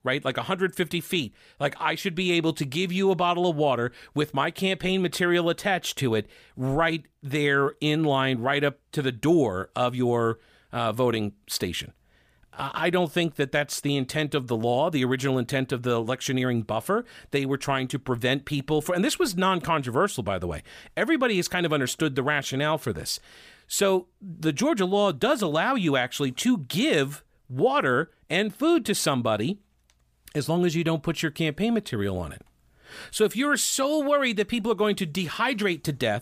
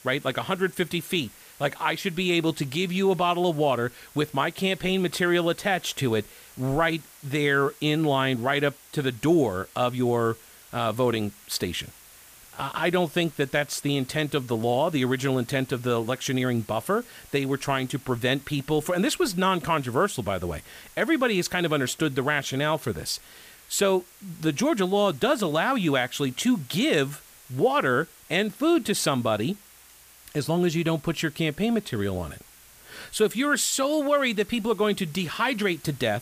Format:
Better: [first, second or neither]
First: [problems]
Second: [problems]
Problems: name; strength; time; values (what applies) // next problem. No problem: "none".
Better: first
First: none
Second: hiss; faint; throughout; 25 dB below the speech